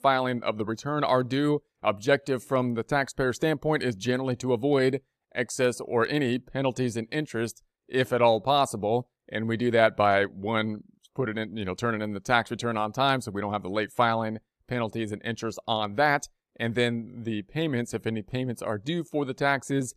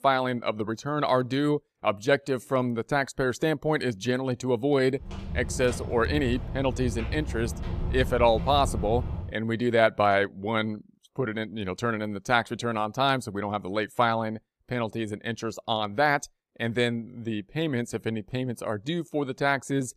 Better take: first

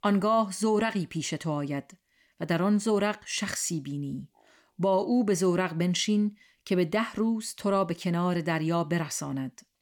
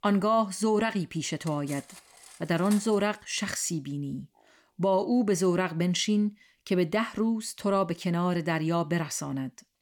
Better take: first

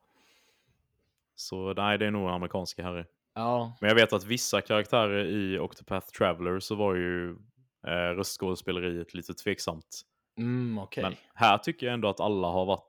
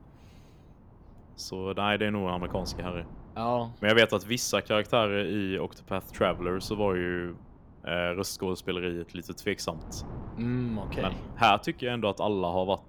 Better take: first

